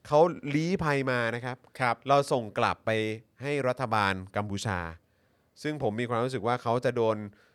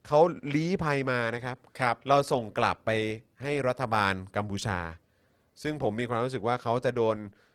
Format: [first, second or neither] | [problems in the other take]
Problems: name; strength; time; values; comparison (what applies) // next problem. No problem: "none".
first | garbled, watery; slightly